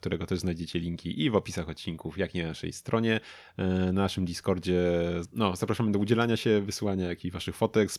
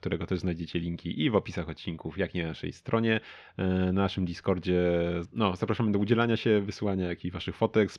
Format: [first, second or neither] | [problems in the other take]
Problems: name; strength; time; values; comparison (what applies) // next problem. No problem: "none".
first | muffled; slightly; fading above 3 kHz